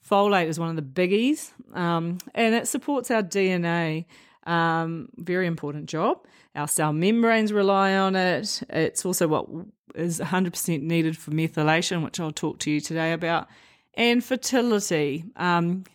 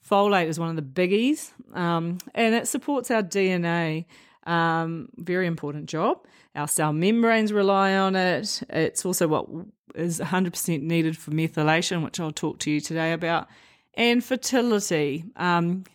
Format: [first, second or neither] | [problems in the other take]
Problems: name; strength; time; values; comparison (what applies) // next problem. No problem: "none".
neither | none